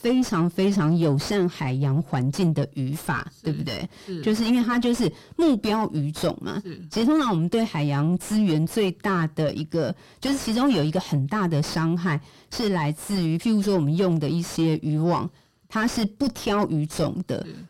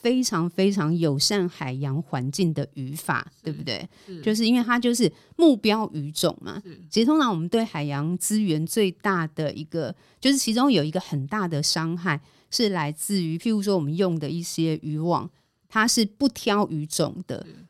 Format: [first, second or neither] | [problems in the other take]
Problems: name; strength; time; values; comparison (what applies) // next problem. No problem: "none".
second | distortion; heavy; 6 dB below the speech